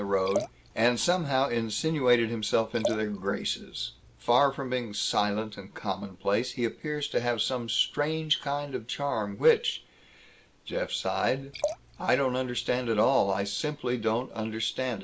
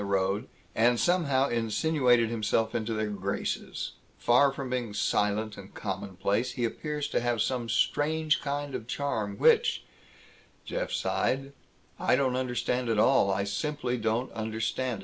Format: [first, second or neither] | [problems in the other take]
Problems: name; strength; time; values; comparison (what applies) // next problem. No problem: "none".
second | background sound (Liquid); 11 dB below the speech